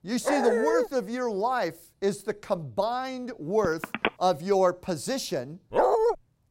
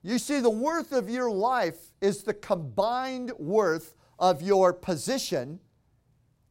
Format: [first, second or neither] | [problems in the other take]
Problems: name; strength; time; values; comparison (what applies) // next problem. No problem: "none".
second | dog barking; loud; at 0.5 s and at 5.5 s; peak 6 dB above the speech // phone ringing; noticeable; at 3.5 s; peak 2 dB below the speech